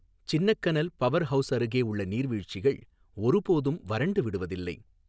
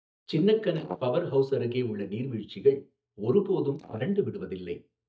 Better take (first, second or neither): first